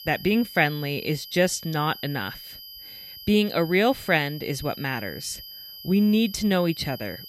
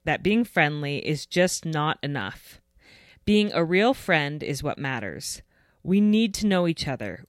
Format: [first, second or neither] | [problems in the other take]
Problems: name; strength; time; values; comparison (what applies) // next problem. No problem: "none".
second | high-pitched whine; noticeable; throughout; 5 kHz, 15 dB below the speech